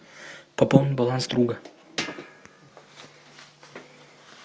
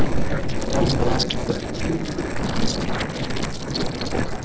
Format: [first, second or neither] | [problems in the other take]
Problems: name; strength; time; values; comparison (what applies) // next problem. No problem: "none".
first | noise reduction (neural separator model SepFormer DNS4)